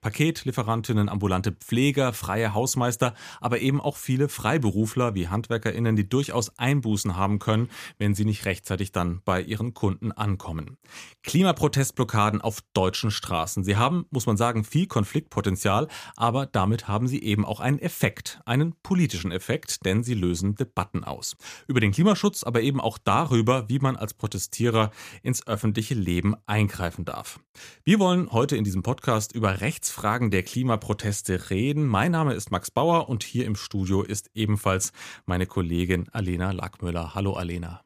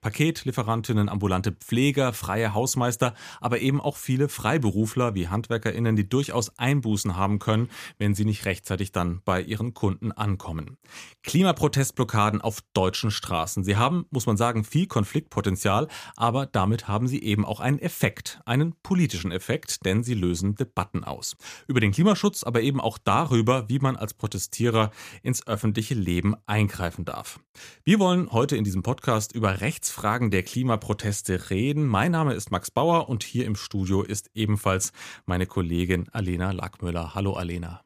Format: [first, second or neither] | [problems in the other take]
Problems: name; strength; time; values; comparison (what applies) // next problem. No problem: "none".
neither | none